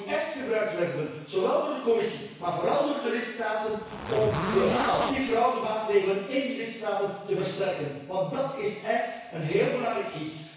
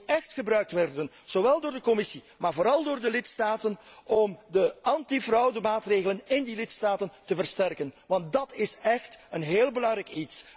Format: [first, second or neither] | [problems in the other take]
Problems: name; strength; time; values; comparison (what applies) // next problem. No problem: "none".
second | background sound (Zipper (clothing)); 2 dB below the speech // room echo; dies away in 1.1 s